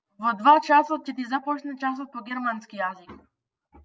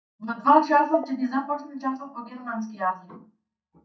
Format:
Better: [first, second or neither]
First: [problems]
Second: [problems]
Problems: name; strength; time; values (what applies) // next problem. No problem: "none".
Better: first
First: none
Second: noise reduction (neural mask model DeepFilterNet 3)